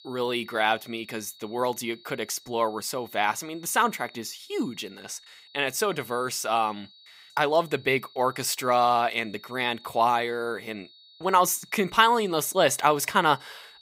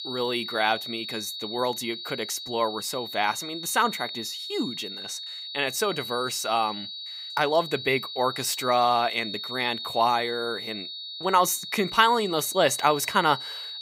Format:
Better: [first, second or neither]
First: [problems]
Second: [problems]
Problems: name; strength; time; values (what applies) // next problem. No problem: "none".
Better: first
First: high-pitched whine; faint; throughout; 4 kHz, 25 dB below the speech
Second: high-pitched whine; loud; throughout; 4 kHz, 8 dB below the speech